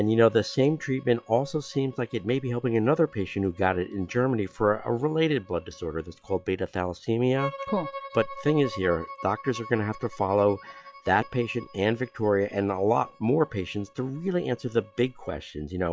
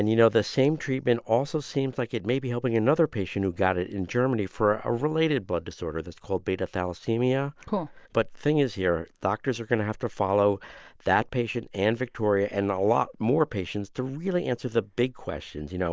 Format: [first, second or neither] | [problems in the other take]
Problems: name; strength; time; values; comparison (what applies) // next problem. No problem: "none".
second | noise reduction (classical method log-MMSE)